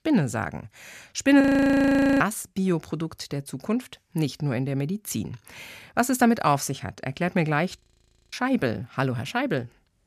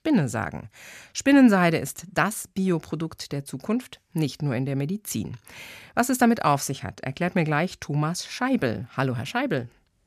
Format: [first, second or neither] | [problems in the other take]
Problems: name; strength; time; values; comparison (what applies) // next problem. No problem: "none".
second | audio freezing; at 1.5 s for 1 s and at 8 s for 0.5 s